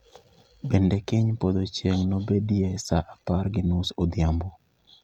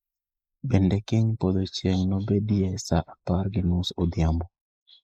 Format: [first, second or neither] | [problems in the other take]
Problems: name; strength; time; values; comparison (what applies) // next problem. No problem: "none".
first | noise reduction (neural mask model Resemble Enhance denoiser)